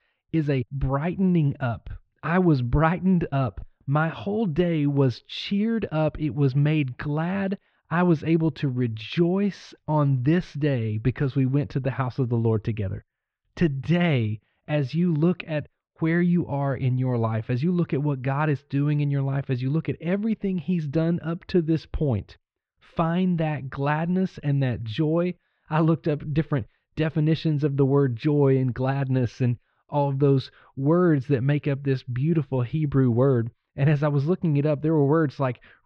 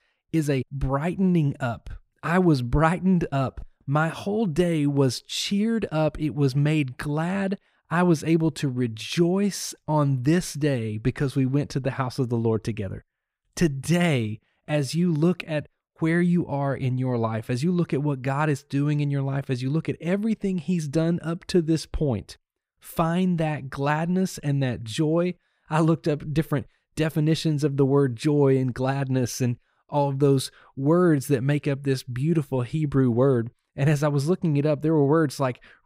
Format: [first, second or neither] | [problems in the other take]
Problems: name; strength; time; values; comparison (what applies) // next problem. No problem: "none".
second | muffled; slightly; fading above 3.5 kHz